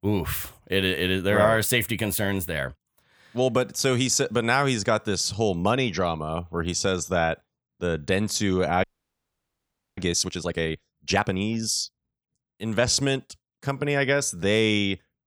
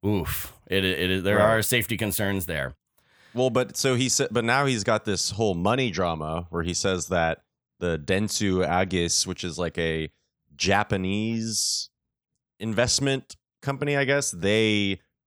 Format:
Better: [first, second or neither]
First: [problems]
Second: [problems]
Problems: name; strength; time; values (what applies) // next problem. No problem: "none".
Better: second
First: audio freezing; at 9 s for 1 s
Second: none